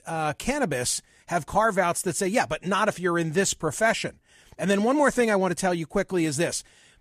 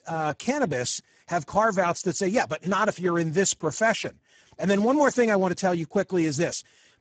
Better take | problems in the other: first | garbled, watery; badly; nothing above 7.5 kHz

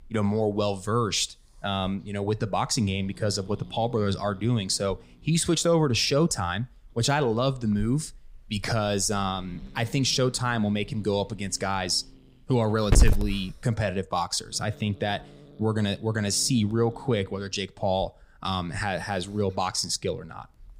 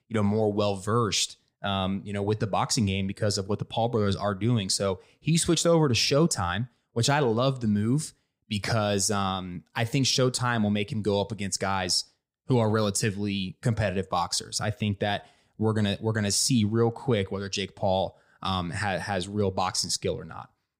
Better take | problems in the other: second | hiss; loud; throughout; 8 dB below the speech

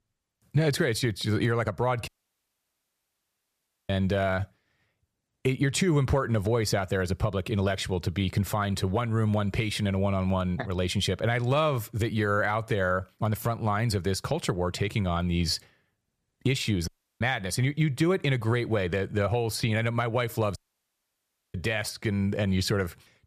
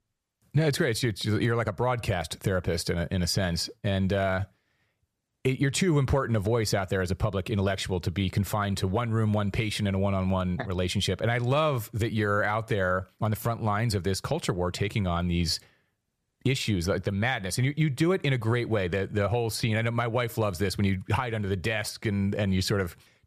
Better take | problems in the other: second | audio cutting out; at 2 s for 2 s, at 17 s and at 21 s for 1 s

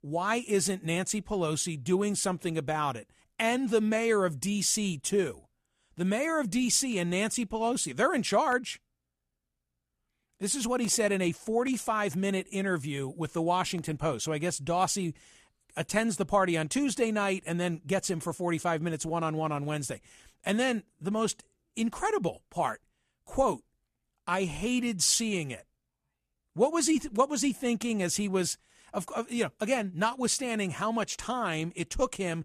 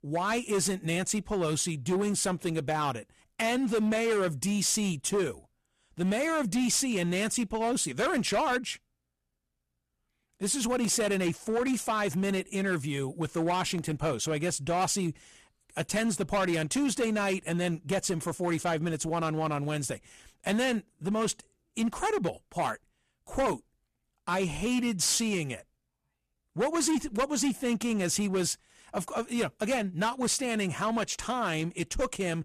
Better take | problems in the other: first | distortion; slight; 9% of the sound clipped

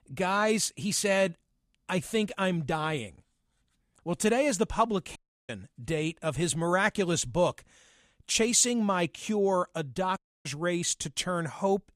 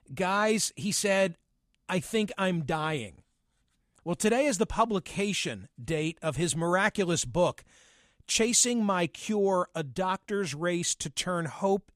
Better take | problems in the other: second | audio cutting out; at 5 s and at 10 s

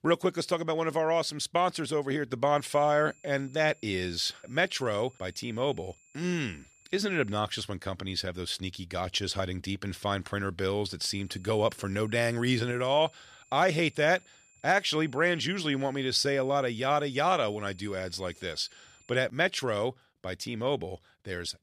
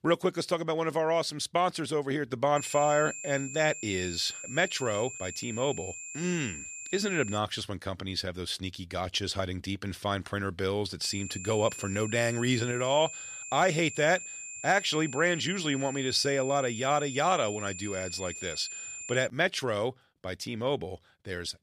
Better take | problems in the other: first | high-pitched whine; loud; from 2.5 to 7.5 s and from 11 to 19 s; 7.5 kHz, 9 dB below the speech; faint in the first

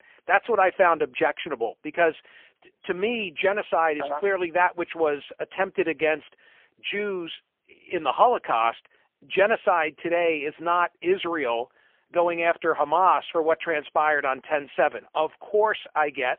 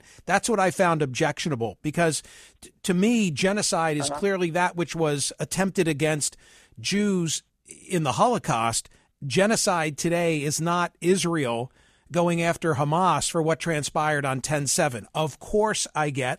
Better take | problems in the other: second | phone-call audio; poor line; nothing above 3 kHz

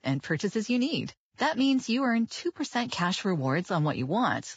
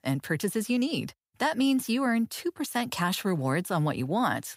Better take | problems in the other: second | garbled, watery; badly; nothing above 7.5 kHz

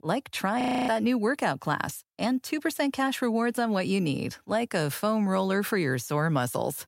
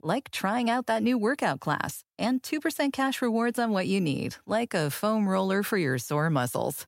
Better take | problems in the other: second | audio freezing; at 0.5 s

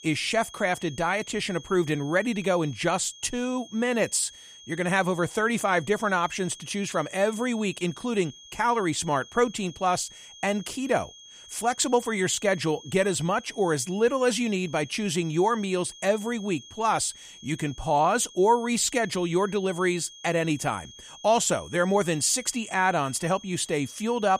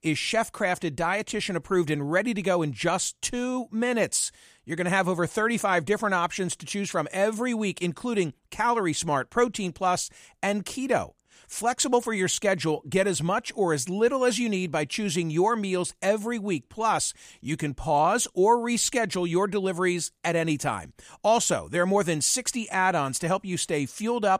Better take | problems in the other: second | high-pitched whine; noticeable; throughout; 3.5 kHz, 20 dB below the speech

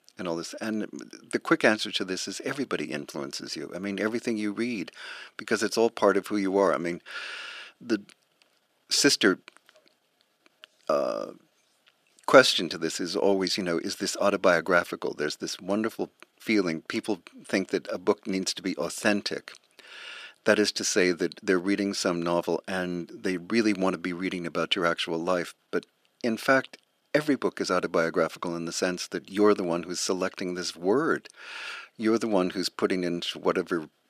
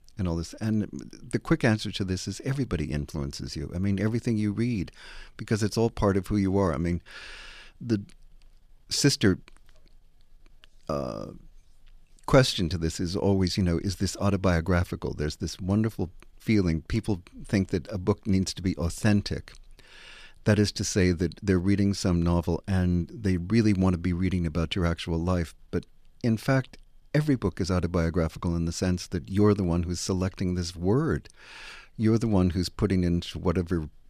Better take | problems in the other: second | thin; somewhat; fading below 300 Hz

